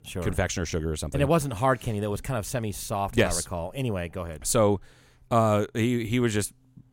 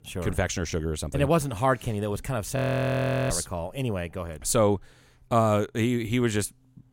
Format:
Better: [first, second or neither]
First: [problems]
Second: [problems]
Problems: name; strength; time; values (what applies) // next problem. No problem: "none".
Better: first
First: none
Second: audio freezing; at 2.5 s for 0.5 s